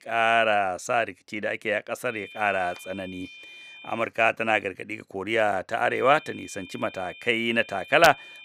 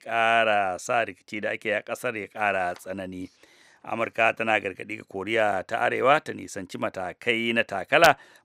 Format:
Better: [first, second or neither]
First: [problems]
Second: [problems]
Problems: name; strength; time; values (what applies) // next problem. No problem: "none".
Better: second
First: high-pitched whine; noticeable; from 2 to 4 s and from 6 s on; 2.5 kHz, 20 dB below the speech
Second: none